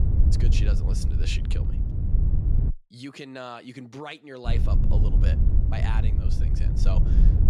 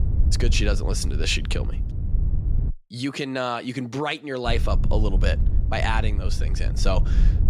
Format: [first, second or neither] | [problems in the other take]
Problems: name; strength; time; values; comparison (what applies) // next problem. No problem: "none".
second | wind noise on the microphone; heavy; until 2.5 s and from 4.5 s on; 2 dB below the speech; occasional gusts in the second